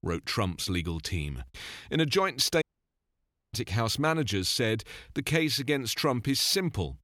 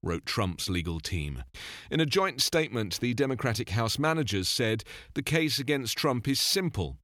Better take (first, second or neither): second